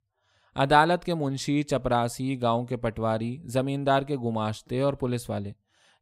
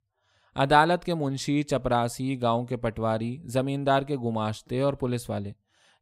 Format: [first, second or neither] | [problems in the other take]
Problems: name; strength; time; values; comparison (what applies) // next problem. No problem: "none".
neither | none